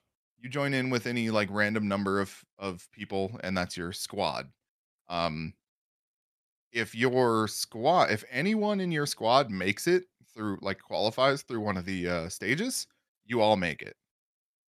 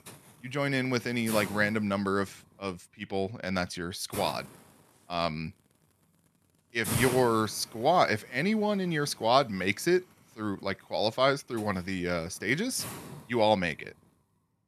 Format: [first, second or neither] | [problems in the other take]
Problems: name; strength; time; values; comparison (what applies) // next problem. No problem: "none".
first | hiss; loud; throughout; 9 dB below the speech